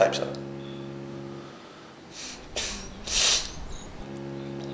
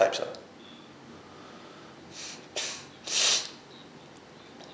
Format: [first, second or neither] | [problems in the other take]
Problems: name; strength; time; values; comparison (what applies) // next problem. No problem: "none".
second | background sound (Bowed string instrument + Bird); 7 dB below the speech